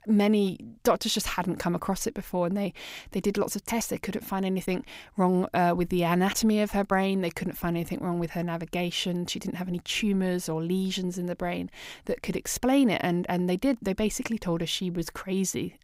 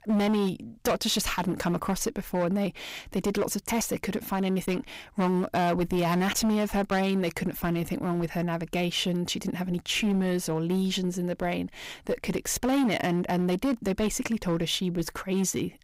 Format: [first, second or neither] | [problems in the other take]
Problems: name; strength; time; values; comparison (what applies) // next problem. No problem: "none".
first | distortion; slight; 10% of the sound clipped